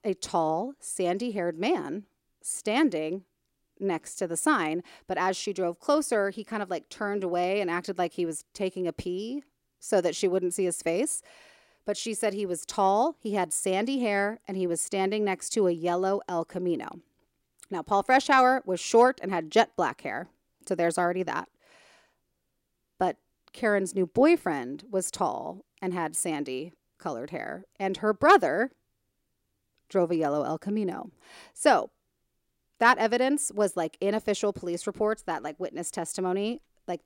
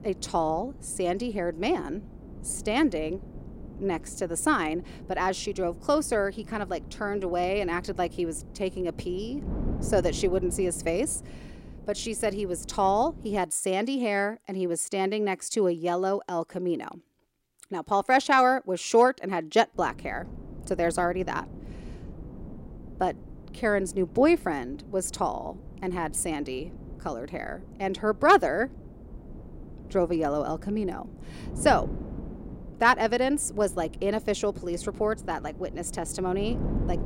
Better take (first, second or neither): first